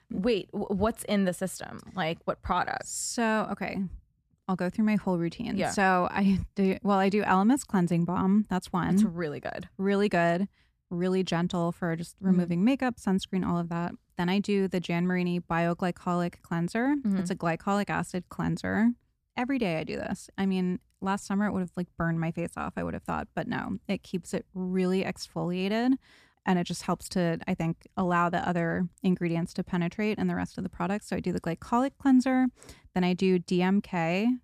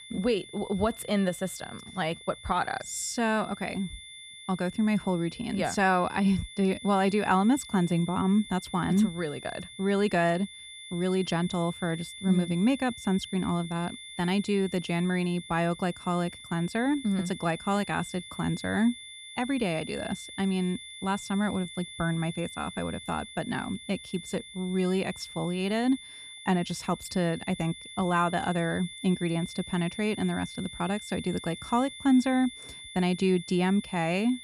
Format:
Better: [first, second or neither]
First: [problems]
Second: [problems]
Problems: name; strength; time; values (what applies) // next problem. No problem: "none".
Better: first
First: none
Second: high-pitched whine; noticeable; throughout; 3.5 kHz, 15 dB below the speech